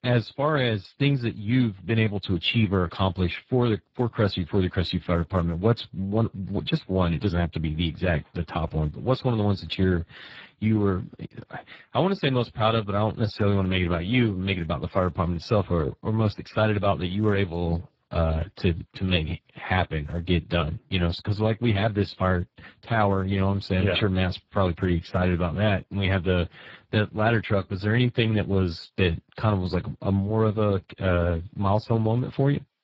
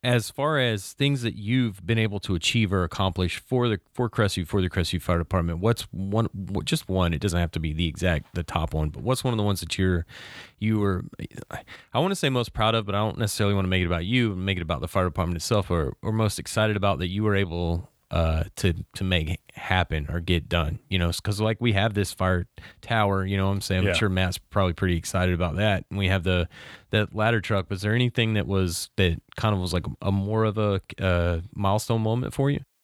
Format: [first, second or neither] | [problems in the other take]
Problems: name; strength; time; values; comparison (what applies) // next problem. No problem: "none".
second | garbled, watery; badly